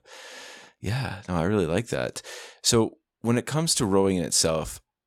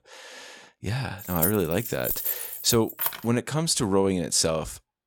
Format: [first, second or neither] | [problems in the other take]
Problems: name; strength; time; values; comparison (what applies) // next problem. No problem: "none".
first | jangling keys; noticeable; from 1.5 to 3 s; peak level with the speech